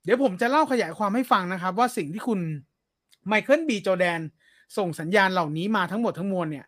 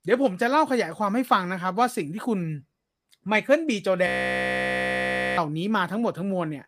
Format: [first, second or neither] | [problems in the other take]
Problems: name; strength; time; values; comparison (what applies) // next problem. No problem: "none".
first | audio freezing; at 4 s for 1.5 s